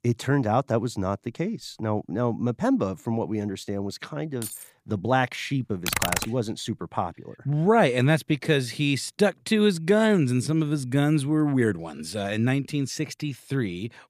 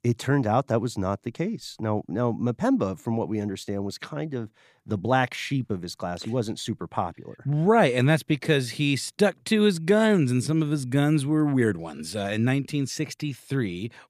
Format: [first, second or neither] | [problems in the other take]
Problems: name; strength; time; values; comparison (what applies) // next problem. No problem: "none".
second | jangling keys; faint; at 4.5 s; peak 10 dB below the speech // keyboard typing; loud; at 6 s; peak 1 dB above the speech